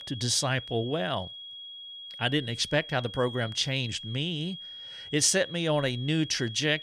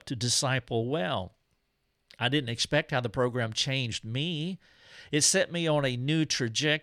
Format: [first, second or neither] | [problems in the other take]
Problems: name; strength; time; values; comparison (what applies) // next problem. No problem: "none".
second | high-pitched whine; noticeable; throughout; 3.5 kHz, 10 dB below the speech